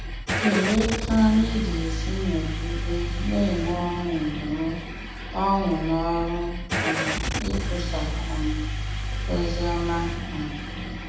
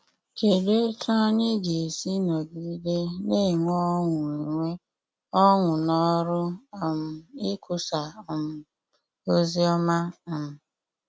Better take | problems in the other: second | background sound (Engine starting / Car); 1 dB below the speech // room echo; dies away in 0.8 s

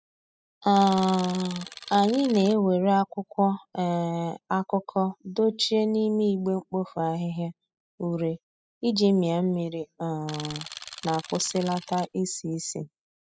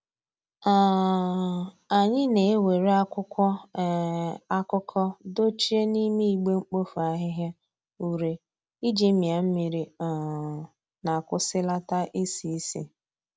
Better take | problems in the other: second | noise reduction (classical method spectral subtraction)

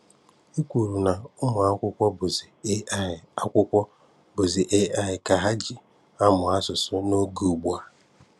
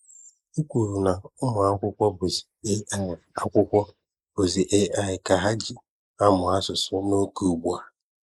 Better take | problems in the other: first | noise reduction (neural mask model Resemble Enhance denoiser)

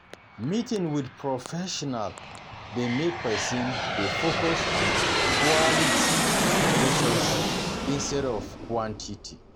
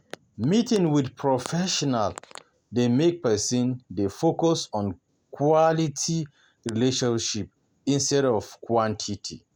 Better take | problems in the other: second | background sound (Aircraft); 3 dB above the speech

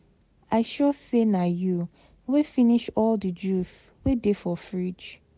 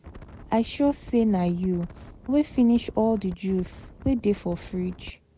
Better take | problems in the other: first | background sound (Wind); 17 dB below the speech

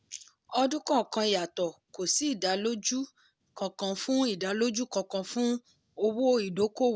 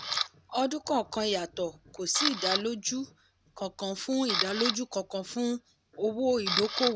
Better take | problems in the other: first | background sound (Camera); 5 dB below the speech

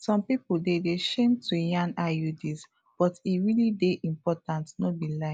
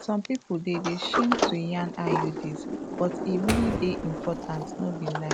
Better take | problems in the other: first | background sound (Door + Sliding door); 1 dB below the speech

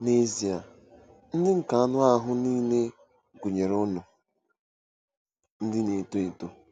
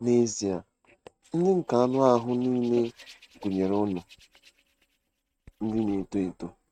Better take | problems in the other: first | noise reduction (neural mask model RNNoise)

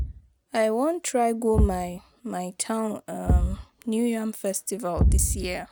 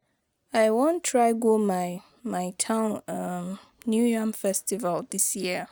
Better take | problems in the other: second | background sound (Thump, thud); as loud as the speech

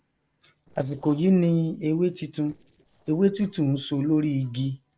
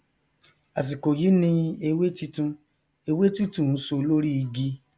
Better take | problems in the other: second | noise reduction (neural separator model SepFormer DNS4)

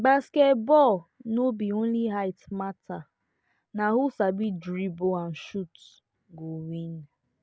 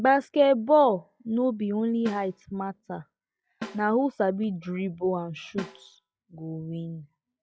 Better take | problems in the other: first | noise reduction (classical method log-MMSE)

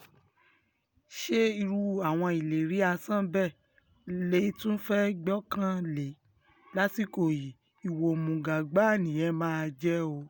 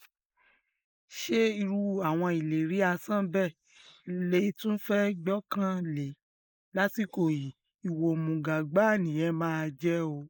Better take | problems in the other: first | noise reduction (neural mask model Resemble Enhance denoiser)

